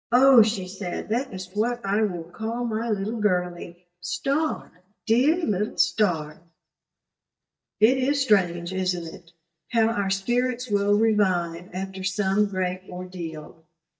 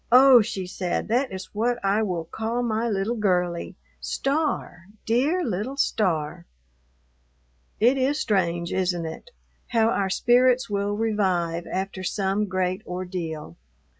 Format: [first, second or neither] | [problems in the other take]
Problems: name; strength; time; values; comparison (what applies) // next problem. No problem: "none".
second | noise reduction (neural mask model DeepFilterNet 3)